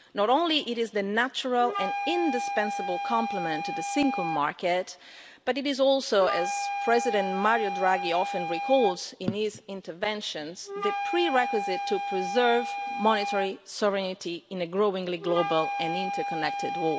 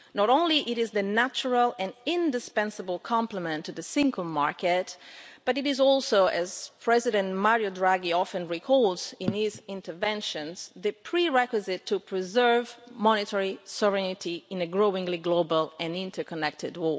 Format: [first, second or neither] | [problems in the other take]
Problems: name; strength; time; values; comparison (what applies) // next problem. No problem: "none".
second | background sound (Wind instrument, woodwind instrument); 6 dB below the speech